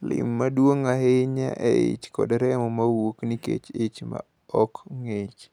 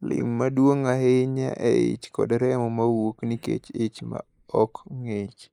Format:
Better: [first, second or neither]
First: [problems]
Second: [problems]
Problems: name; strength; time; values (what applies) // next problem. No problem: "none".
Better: first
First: none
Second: noise reduction (neural mask model Resemble Enhance denoiser)